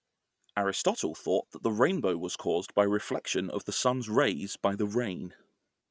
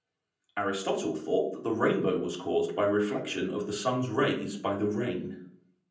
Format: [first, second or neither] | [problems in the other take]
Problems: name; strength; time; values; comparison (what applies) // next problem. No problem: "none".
first | room echo; dies away in 0.6 s